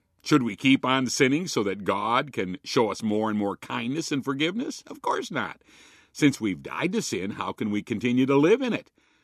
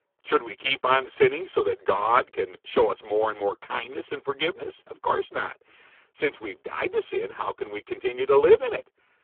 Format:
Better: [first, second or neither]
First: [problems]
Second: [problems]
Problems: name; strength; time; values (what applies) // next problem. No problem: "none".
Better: first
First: none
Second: phone-call audio; poor line